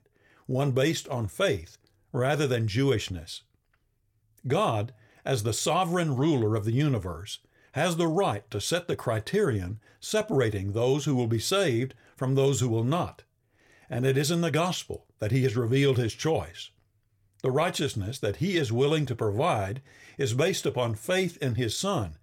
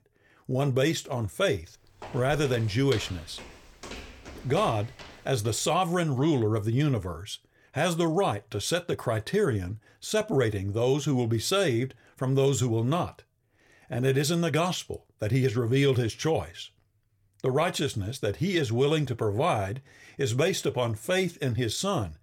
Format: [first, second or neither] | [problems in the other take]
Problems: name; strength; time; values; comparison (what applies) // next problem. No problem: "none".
first | footsteps; faint; from 2 to 5.5 s; peak 10 dB below the speech